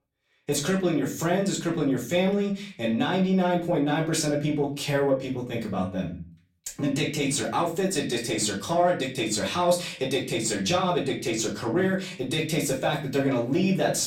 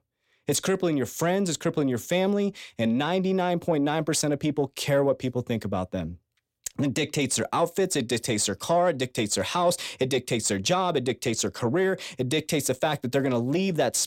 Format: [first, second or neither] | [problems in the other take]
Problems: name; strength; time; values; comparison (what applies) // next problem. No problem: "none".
second | room echo; slight; dies away in 0.4 s // off-mic speech; far